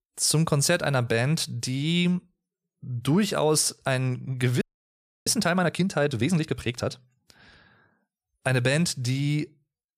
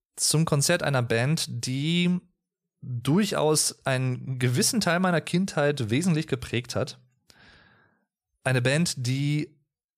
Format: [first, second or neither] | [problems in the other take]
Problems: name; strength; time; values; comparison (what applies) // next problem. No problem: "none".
second | audio freezing; at 4.5 s for 0.5 s